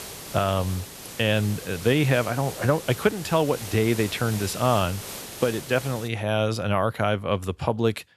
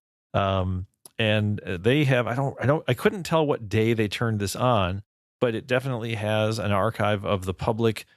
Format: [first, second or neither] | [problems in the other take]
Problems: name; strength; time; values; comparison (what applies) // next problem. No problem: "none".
second | hiss; noticeable; until 6 s; 10 dB below the speech